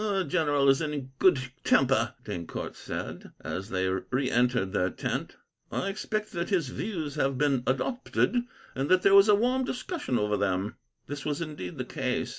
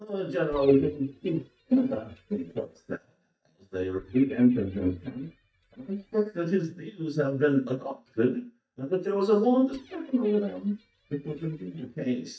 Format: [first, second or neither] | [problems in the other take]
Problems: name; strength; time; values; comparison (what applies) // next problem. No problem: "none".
first | noise reduction (neural mask model DeepFilterNet 3)